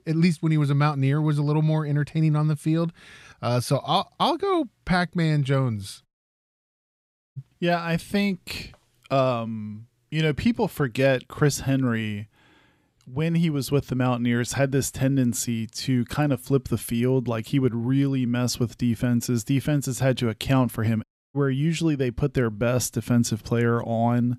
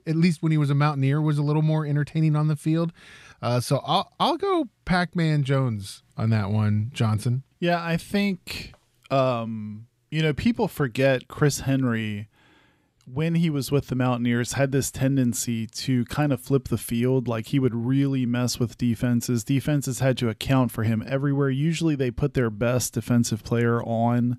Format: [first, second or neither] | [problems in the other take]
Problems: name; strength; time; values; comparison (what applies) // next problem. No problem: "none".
second | audio cutting out; at 6 s for 1.5 s and at 21 s